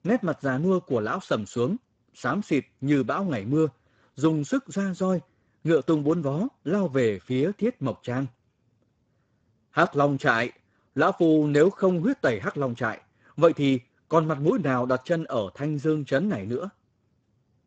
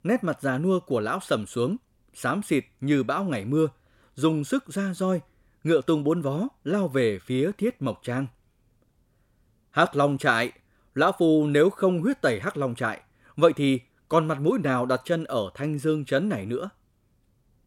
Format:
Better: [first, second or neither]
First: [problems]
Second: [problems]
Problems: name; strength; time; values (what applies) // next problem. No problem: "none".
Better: second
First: garbled, watery; badly; nothing above 7.5 kHz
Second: none